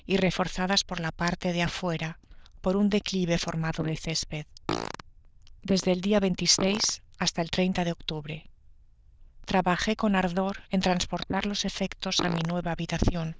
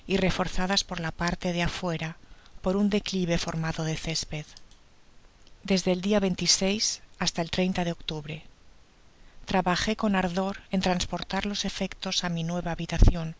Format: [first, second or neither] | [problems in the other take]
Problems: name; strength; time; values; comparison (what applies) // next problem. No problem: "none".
second | noise reduction (neural diffusion model UNIVERSE++)